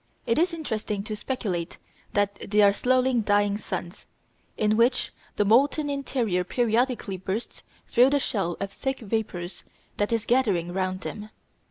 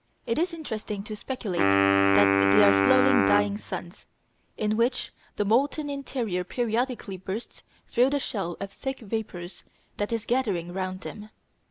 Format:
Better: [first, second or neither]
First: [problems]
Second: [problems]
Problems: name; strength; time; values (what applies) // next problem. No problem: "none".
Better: first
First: none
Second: background sound (Wind instrument, woodwind instrument); 4 dB above the speech